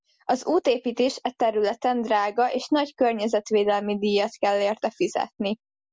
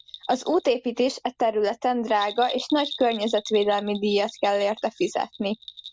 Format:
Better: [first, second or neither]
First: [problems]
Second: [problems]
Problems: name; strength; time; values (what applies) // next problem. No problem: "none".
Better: first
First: none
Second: background sound (Bell); 16 dB below the speech